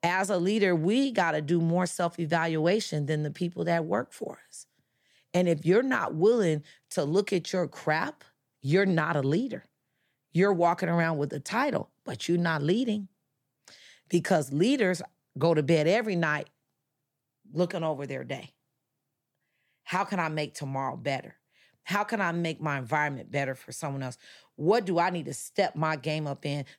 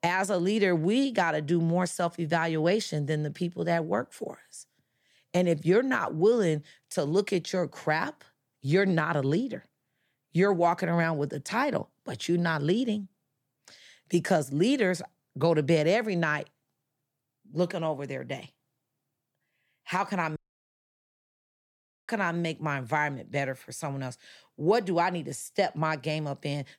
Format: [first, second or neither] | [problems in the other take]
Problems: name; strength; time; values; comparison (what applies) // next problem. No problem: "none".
first | audio cutting out; at 20 s for 1.5 s